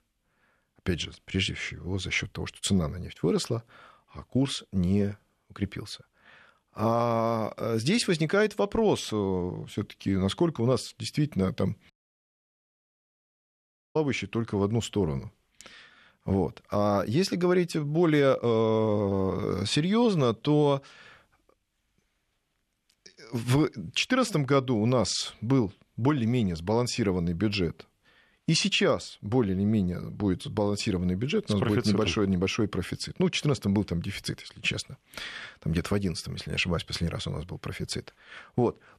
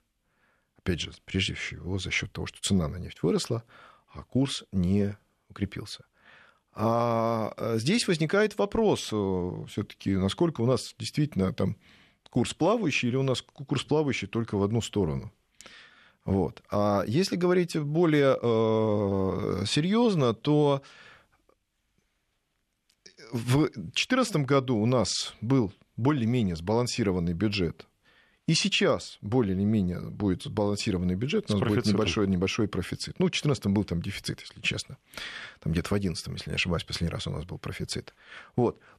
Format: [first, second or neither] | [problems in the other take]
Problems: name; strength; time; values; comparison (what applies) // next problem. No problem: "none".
second | audio cutting out; at 12 s for 2 s